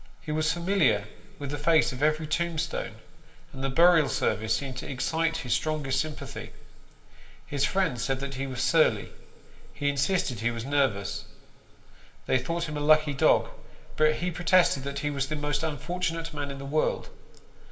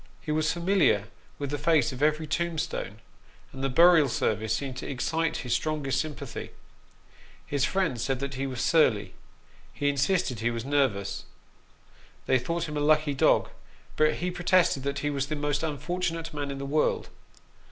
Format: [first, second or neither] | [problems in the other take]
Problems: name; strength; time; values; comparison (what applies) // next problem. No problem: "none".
second | room echo; dies away in 1.4 s